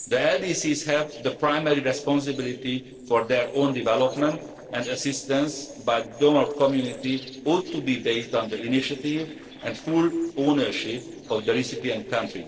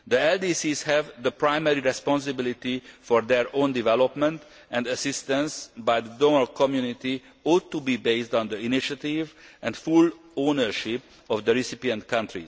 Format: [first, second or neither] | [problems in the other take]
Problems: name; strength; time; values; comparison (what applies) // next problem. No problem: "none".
second | noise reduction (neural separator model SepFormer DNS4)